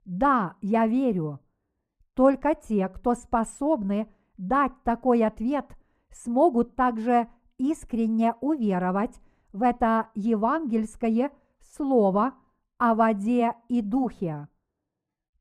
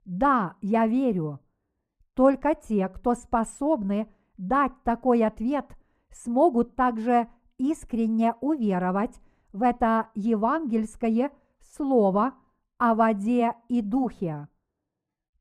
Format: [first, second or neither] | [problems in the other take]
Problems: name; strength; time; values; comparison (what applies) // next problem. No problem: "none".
neither | muffled; slightly; fading above 2 kHz; the same in both